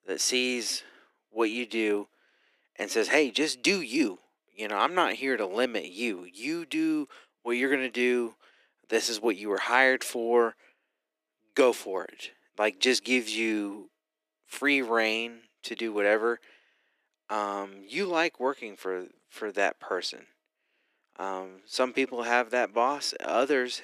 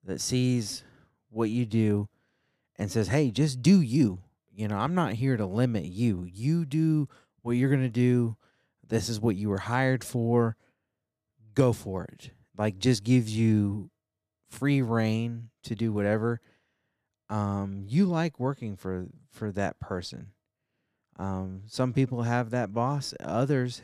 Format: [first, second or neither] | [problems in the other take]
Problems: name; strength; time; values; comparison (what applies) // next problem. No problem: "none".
second | thin; very; fading below 300 Hz